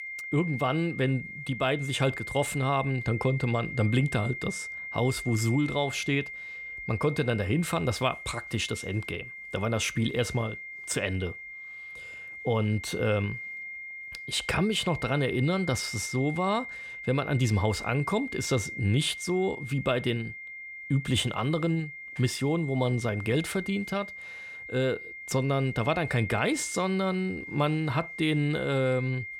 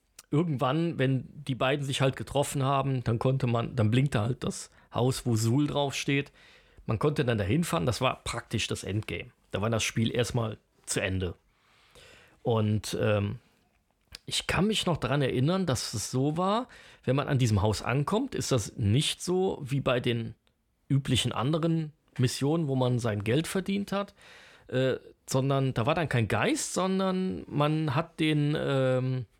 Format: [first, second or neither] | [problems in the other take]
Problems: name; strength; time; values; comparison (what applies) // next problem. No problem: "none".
second | high-pitched whine; loud; throughout; 2 kHz, 9 dB below the speech